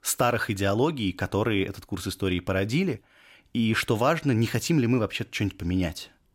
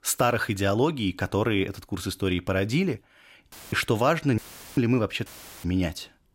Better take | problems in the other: first | audio cutting out; filled with static; at 3.5 s, at 4.5 s and at 5.5 s

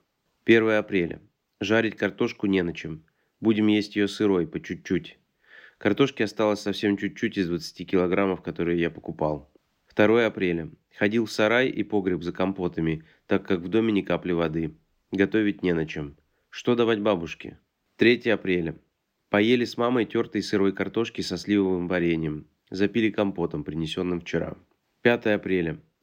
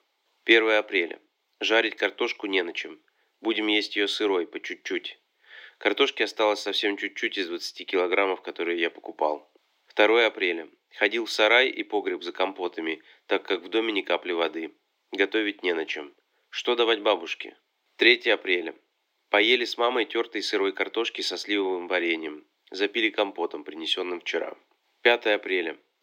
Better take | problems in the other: first | thin; very; fading below 350 Hz

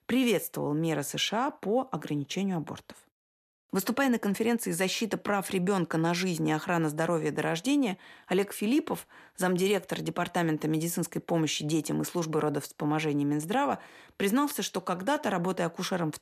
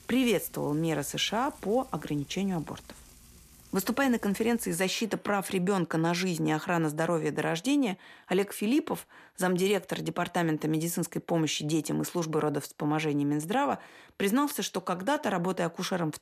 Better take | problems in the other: first | household noises; faint; until 5.5 s; 25 dB below the speech

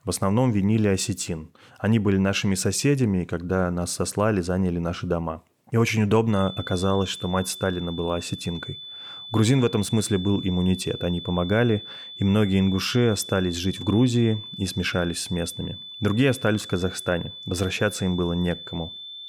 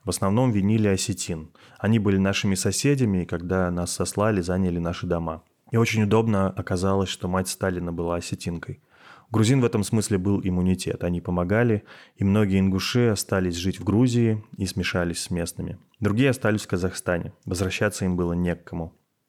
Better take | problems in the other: second | high-pitched whine; noticeable; from 6.5 s on; 3.5 kHz, 10 dB below the speech

